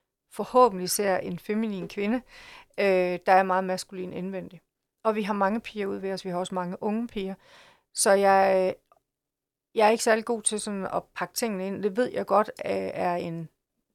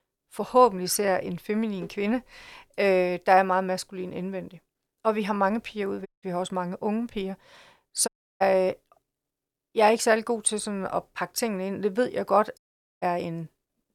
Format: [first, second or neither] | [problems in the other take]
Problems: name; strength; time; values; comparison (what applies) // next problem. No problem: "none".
first | audio cutting out; at 6 s, at 8 s and at 13 s